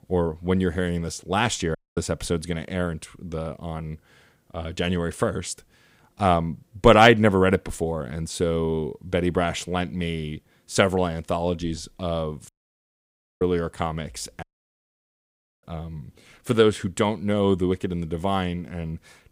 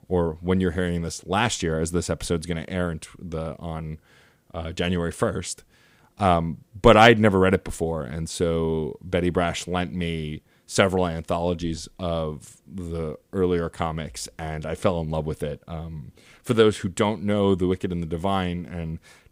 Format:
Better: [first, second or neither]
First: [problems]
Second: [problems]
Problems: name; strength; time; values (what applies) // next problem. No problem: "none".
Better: second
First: audio cutting out; at 2 s, at 12 s for 1 s and at 14 s for 1 s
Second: none